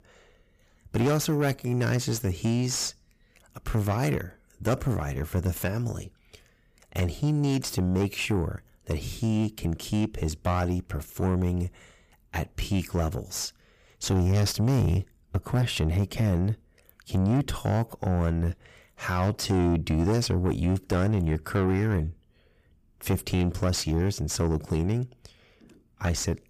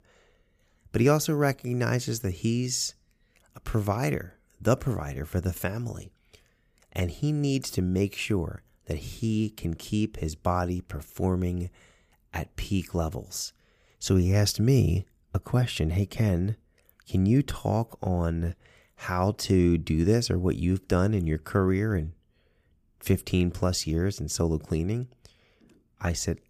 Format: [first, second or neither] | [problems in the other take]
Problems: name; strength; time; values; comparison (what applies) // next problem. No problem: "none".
second | distortion; slight; 10 dB below the speech